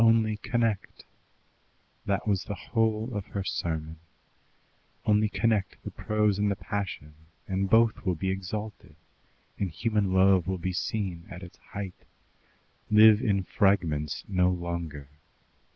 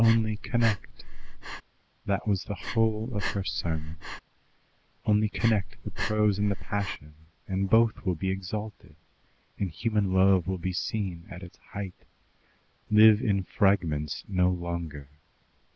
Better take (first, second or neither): first